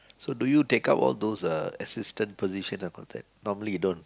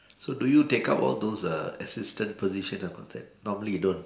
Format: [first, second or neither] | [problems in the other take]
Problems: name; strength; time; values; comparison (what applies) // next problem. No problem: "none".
first | room echo; dies away in 1.6 s